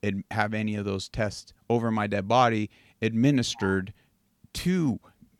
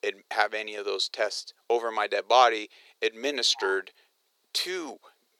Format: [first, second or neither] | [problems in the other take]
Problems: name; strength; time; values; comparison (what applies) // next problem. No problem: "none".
first | thin; very; fading below 400 Hz